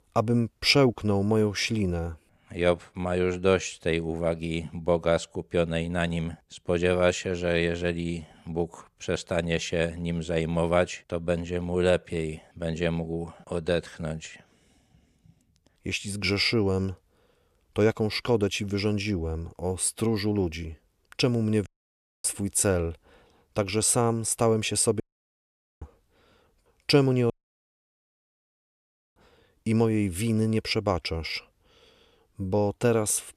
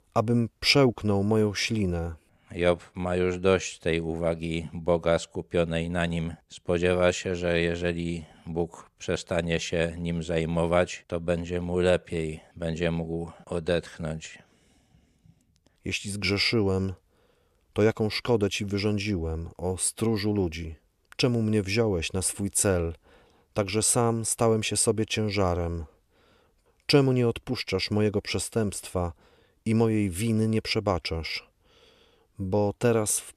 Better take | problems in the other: second | audio cutting out; at 22 s for 0.5 s, at 25 s for 1 s and at 27 s for 2 s

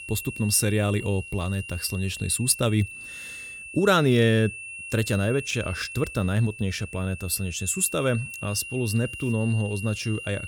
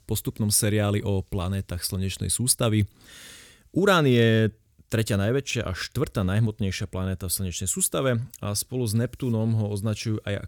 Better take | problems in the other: second | high-pitched whine; noticeable; throughout; 2.5 kHz, 10 dB below the speech

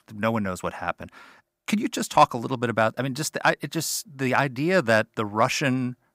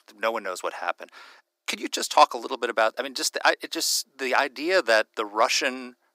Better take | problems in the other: first | thin; somewhat; fading below 350 Hz

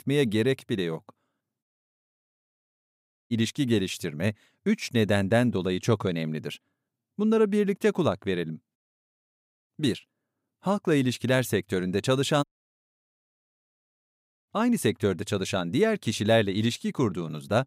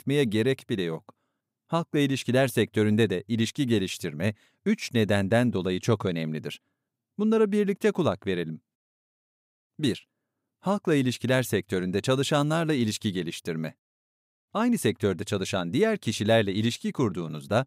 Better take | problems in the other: second | audio cutting out; at 1.5 s for 1.5 s and at 12 s for 1.5 s

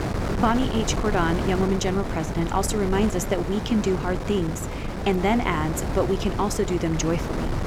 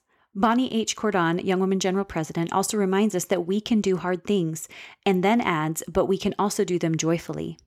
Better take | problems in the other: second | wind noise on the microphone; heavy; 6 dB below the speech

